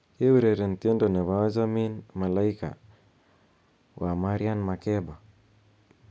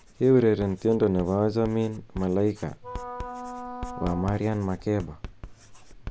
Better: first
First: none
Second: background sound (Wind instrument, woodwind instrument + Writing); 13 dB below the speech

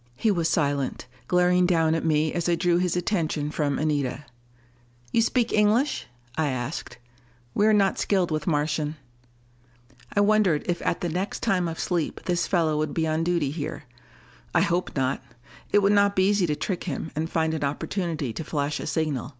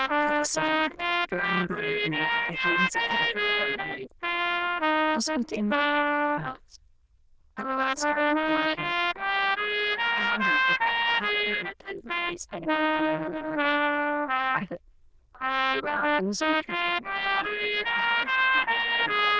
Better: first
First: none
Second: noise reduction (neural diffusion model UNIVERSE++)

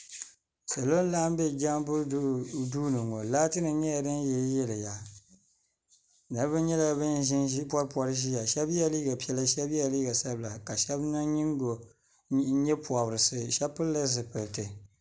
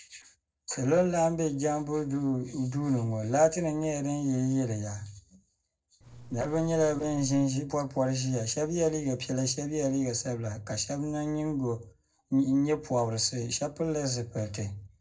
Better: first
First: none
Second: noise reduction (neural separator model SepFormer DNS4)

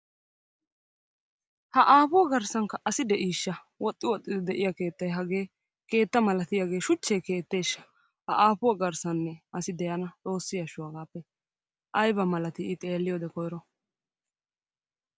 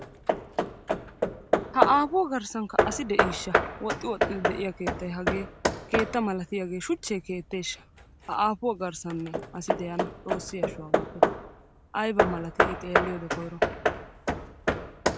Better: first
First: none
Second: background sound (Hammer / Wood); 2 dB above the speech

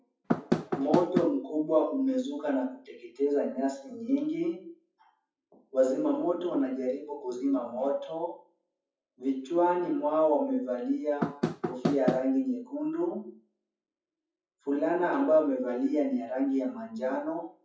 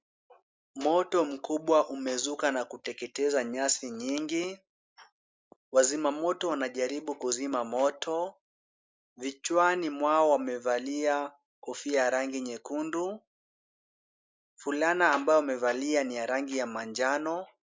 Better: second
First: noise reduction (classical method WPE with log-MMSE)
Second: none

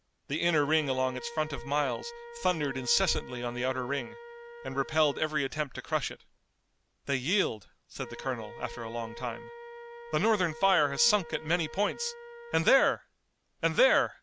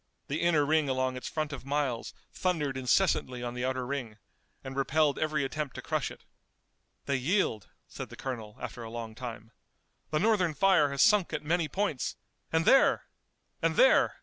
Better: second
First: background sound (Wind instrument, woodwind instrument); 16 dB below the speech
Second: none

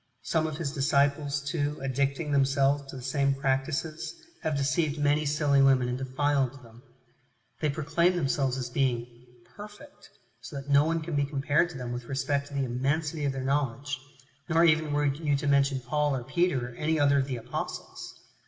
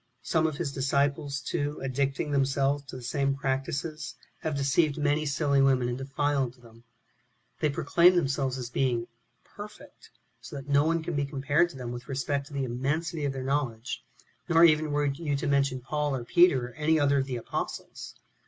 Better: second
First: room echo; dies away in 1.1 s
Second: none

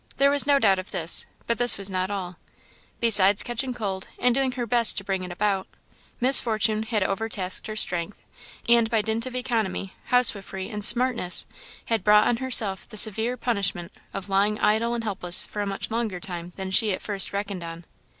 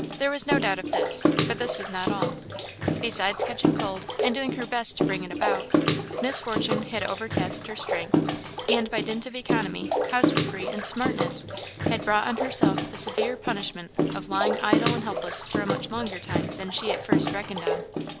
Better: first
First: none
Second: background sound (Bathtub (filling or washing) / Water / Splash, splatter); 3 dB above the speech

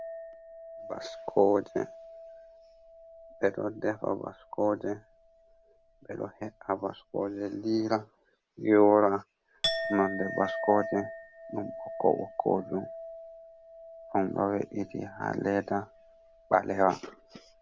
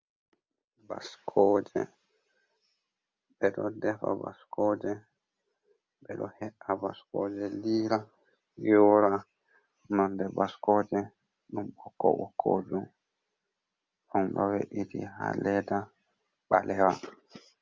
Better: second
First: background sound (Chink, clink); 12 dB below the speech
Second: none

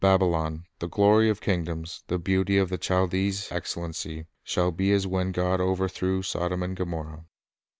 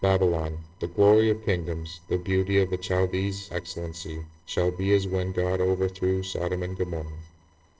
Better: first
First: none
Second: noise reduction (neural separator model SepFormer DNS4)

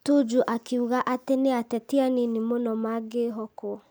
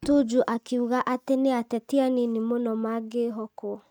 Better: first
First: none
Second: noise reduction (neural mask model RNNoise)

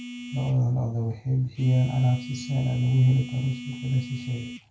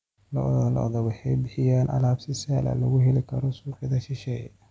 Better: second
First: background sound (Telephone); 13 dB below the speech // room echo; dies away in 0.3 s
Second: none

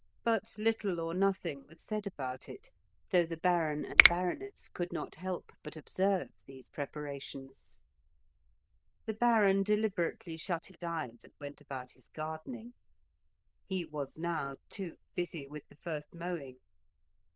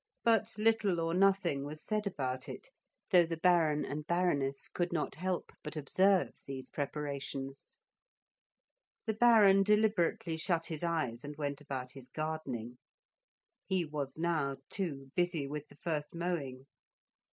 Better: second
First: noise reduction (neural diffusion model UNIVERSE++)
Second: none

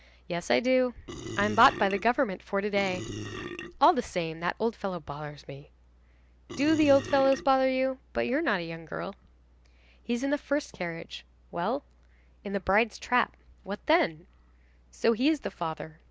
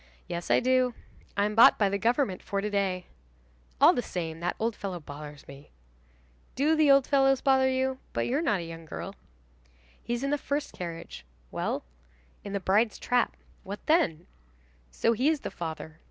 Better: second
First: background sound (Burping, eructation); 10 dB below the speech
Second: none

